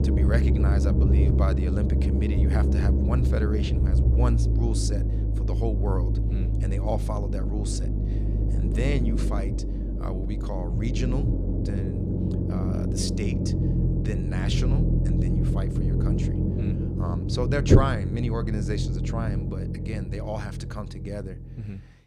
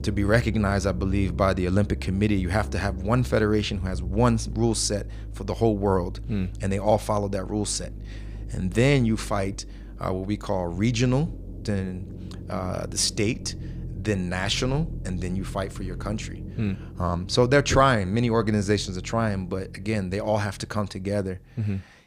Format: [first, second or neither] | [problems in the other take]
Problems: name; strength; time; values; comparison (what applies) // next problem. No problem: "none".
second | low rumble; loud; throughout; as loud as the speech; faint in the second